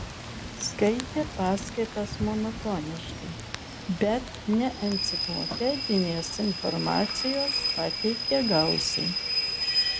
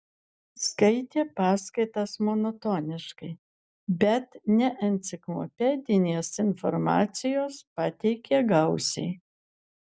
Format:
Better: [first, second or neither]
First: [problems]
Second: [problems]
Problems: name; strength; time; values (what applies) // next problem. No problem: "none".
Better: second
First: background sound (Rain / Train); 3 dB below the speech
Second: none